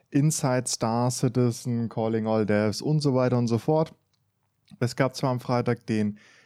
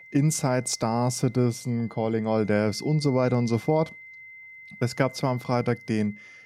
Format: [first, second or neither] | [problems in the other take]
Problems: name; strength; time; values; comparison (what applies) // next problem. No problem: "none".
first | high-pitched whine; noticeable; throughout; 2 kHz, 20 dB below the speech